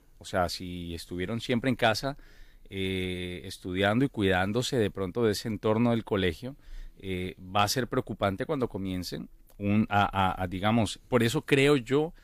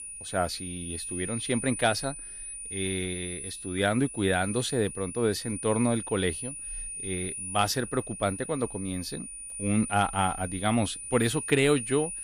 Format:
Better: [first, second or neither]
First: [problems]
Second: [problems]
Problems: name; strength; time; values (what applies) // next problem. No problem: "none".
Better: first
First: none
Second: high-pitched whine; loud; throughout; 9.5 kHz, 7 dB below the speech